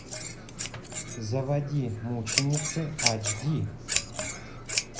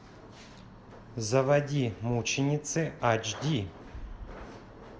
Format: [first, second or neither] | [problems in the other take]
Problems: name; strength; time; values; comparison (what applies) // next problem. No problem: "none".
second | background sound (Scissors); 1 dB below the speech // room echo; dies away in 0.3 s